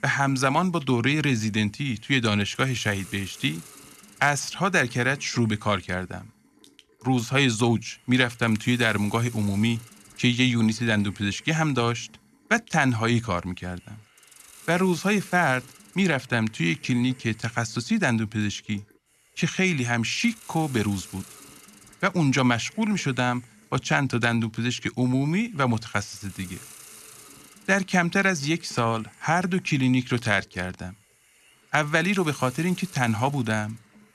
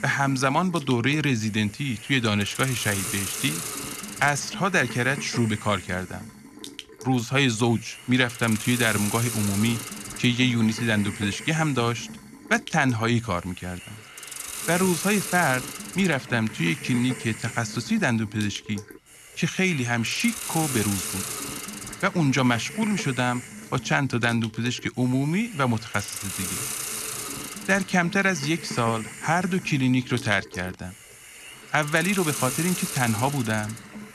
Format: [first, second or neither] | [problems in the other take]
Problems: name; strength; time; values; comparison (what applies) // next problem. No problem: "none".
first | hiss; loud; throughout; 9 dB below the speech; faint in the first